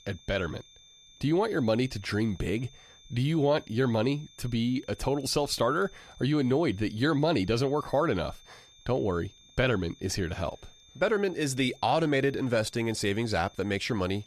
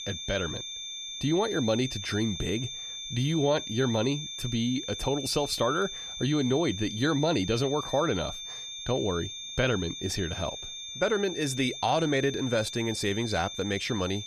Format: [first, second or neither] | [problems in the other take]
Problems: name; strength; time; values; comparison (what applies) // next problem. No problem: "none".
first | high-pitched whine; loud; throughout; 3.5 kHz, 7 dB below the speech; faint in the first